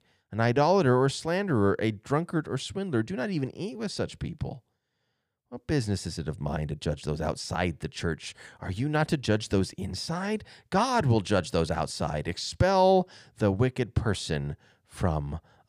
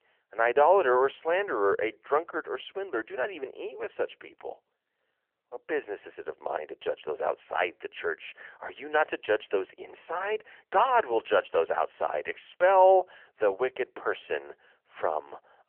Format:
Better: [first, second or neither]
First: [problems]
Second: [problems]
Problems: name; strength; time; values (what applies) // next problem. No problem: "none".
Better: first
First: none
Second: phone-call audio; nothing above 3 kHz